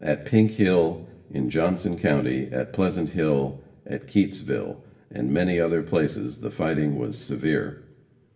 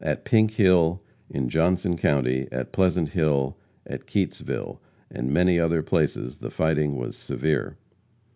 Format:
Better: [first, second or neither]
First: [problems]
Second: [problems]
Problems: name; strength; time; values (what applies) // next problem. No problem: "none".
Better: second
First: room echo; dies away in 0.7 s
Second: none